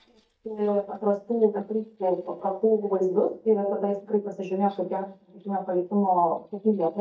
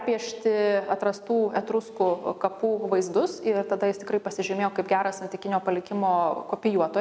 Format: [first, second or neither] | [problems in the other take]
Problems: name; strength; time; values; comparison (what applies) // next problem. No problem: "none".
second | noise reduction (neural mask model DeepFilterNet 3)